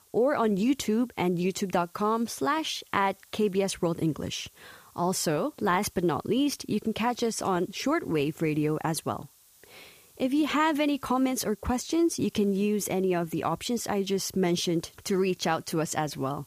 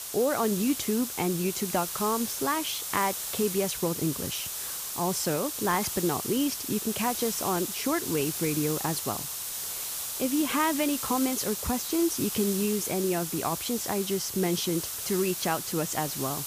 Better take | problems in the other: first | hiss; loud; throughout; 3 dB below the speech; faint in the first

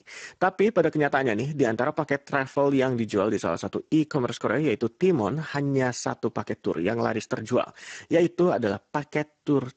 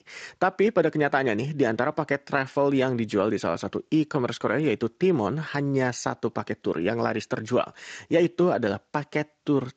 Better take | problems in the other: second | garbled, watery; badly; nothing above 7.5 kHz; slightly in the second

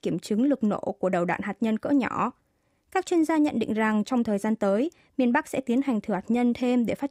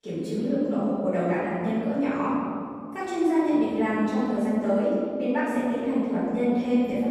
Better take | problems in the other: first | room echo; strong; dies away in 2.2 s // off-mic speech; far

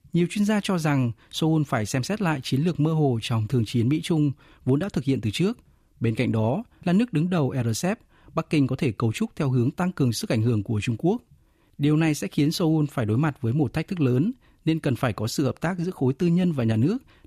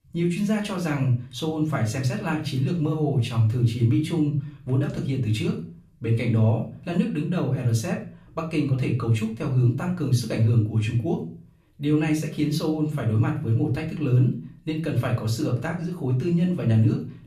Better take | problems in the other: first | room echo; slight; dies away in 0.4 s // off-mic speech; far

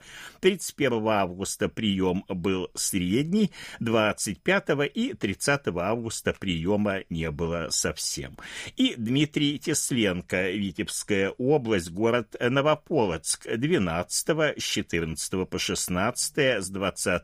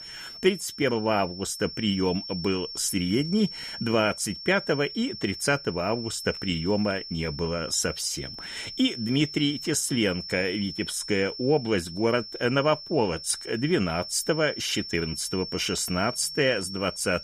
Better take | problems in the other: first | high-pitched whine; loud; throughout; 5.5 kHz, 10 dB below the speech

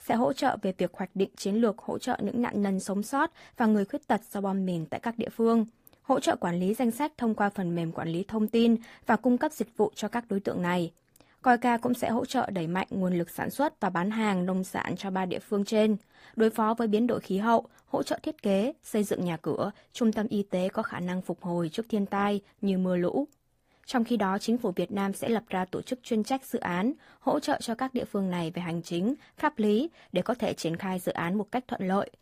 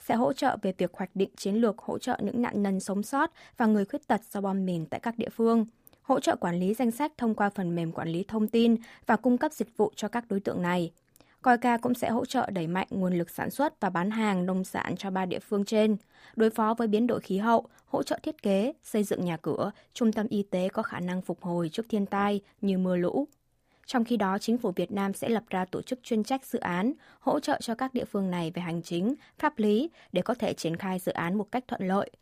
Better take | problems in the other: second | garbled, watery; slightly; nothing above 15 kHz

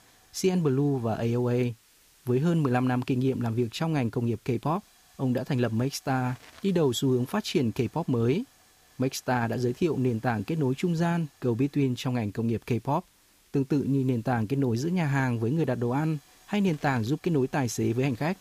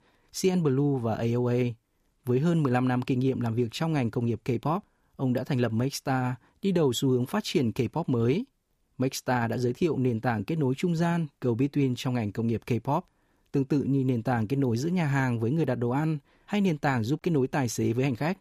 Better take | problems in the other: second | hiss; faint; throughout; 30 dB below the speech

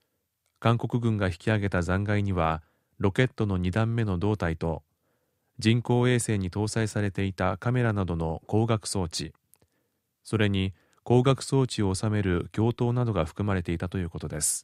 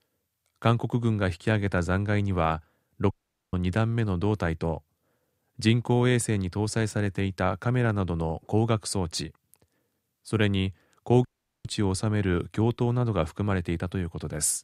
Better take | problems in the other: first | audio cutting out; at 3 s and at 11 s

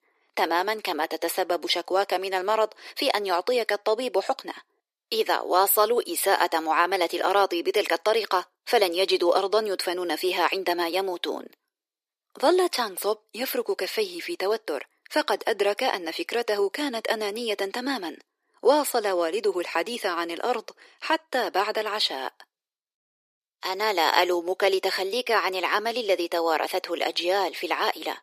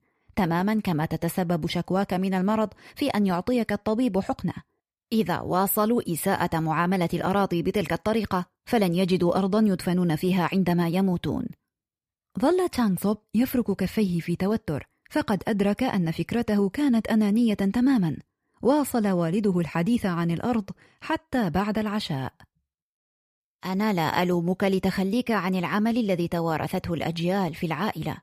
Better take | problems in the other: second | thin; very; fading below 350 Hz

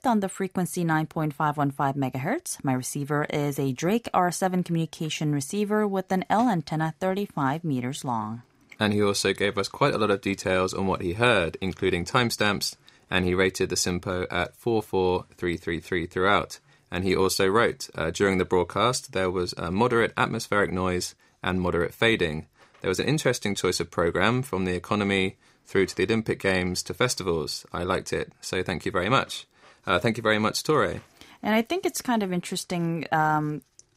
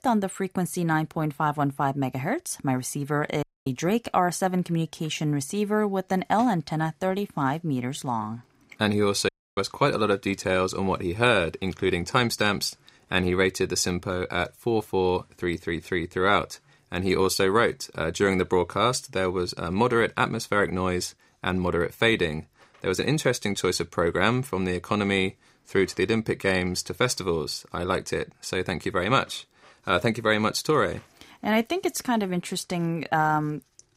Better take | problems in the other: first | audio cutting out; at 3.5 s and at 9.5 s

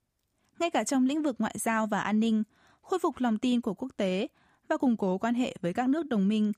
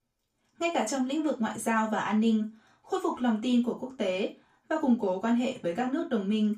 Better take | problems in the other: first | room echo; slight; dies away in 0.2 s // off-mic speech; far

